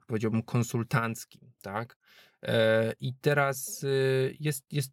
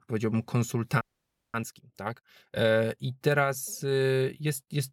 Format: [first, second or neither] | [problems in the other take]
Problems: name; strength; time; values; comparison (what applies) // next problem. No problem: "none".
first | audio freezing; at 1 s for 0.5 s